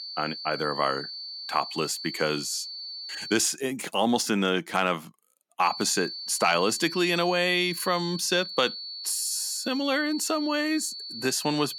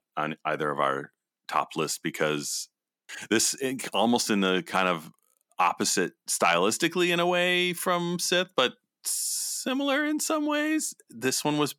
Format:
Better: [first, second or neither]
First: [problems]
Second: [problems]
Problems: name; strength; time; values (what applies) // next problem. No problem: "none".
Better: second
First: high-pitched whine; loud; until 3.5 s and from 5.5 s on; 4.5 kHz, 9 dB below the speech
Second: none